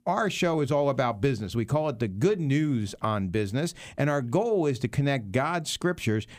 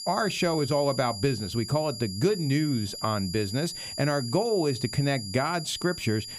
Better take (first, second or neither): first